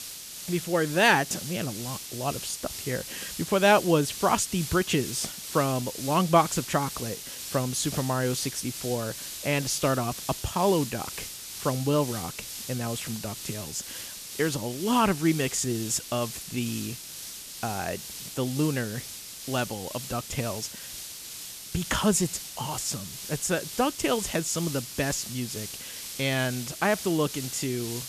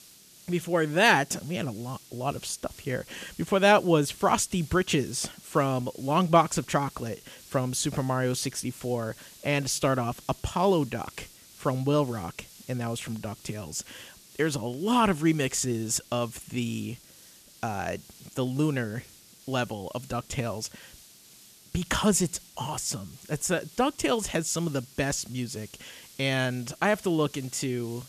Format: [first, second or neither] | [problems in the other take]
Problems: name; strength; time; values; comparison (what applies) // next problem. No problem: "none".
second | hiss; loud; throughout; 8 dB below the speech; faint in the second